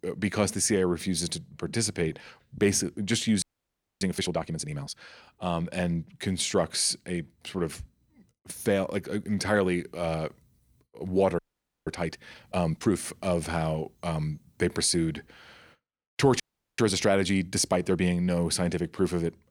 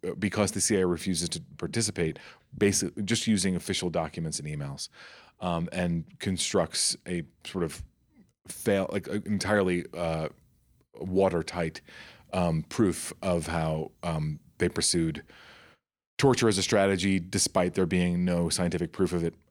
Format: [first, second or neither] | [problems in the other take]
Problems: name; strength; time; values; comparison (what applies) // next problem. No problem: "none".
second | audio freezing; at 3.5 s for 0.5 s, at 11 s and at 16 s